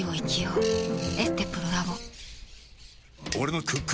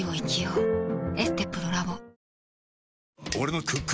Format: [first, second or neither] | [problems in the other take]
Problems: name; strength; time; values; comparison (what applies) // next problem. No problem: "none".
second | background sound (Bird); 13 dB below the speech